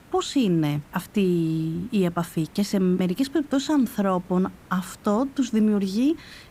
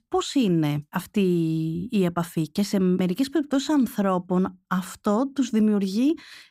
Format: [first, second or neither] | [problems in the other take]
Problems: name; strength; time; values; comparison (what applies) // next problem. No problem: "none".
second | hiss; faint; throughout; 25 dB below the speech